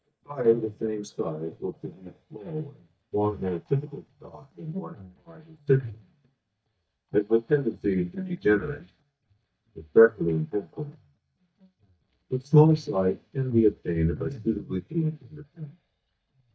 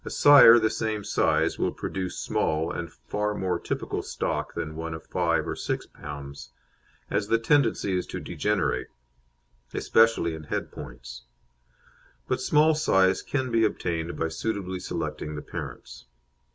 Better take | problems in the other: second | noise reduction (neural mask model DeepFilterNet 3)

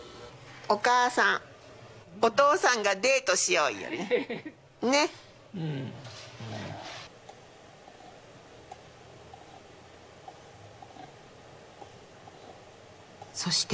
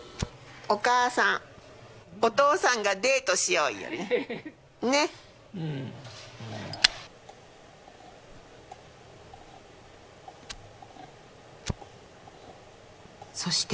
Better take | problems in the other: first | background sound (Fire); 11 dB below the speech

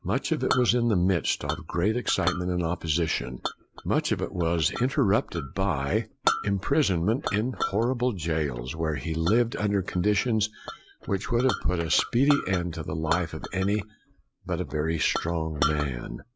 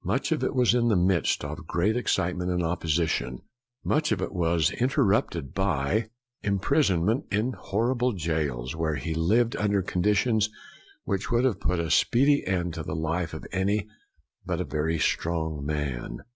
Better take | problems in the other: second | background sound (Chink, clink); 10 dB below the speech

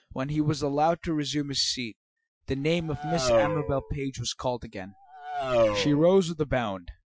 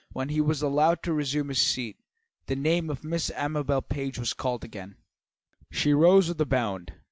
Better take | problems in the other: second | noise reduction (classical method Wiener filter)

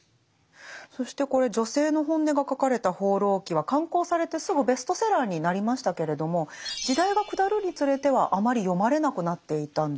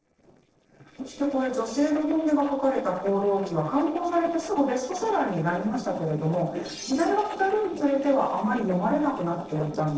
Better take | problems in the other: first | noise reduction (neural separator model SepFormer DNS4)

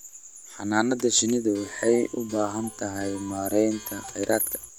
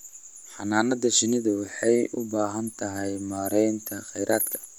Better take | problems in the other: second | background sound (Clock); 20 dB below the speech

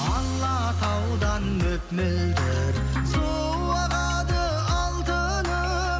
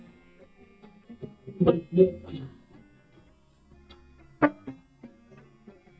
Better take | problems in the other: first | noise reduction (neural mask model DeepFilterNet 3)

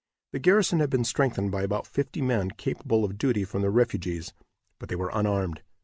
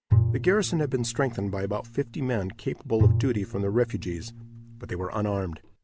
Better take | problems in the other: first | background sound (Bowed string instrument); 1 dB below the speech

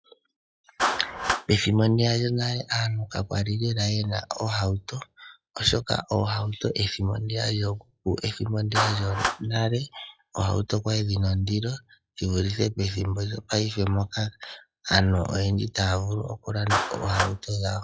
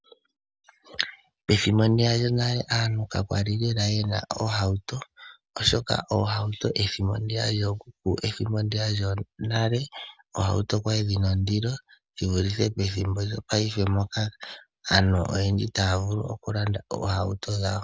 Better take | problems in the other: second | noise reduction (classical method log-MMSE)

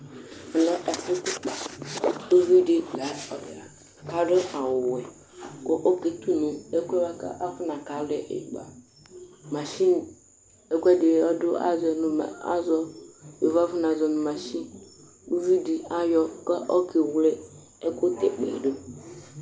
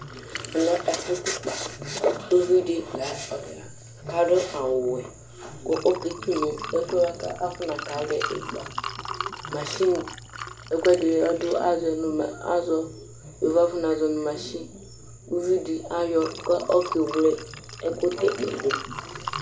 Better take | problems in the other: first | background sound (Liquid); 13 dB below the speech // room echo; dies away in 0.2 s

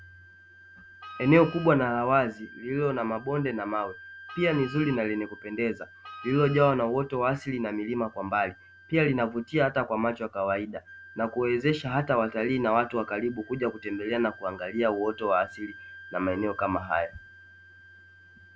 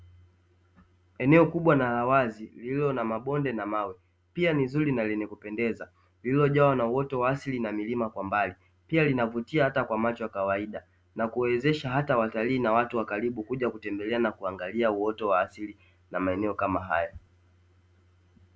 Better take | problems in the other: second | background sound (Wind instrument, woodwind instrument + Wind instrument, woodwind instrument); 20 dB below the speech

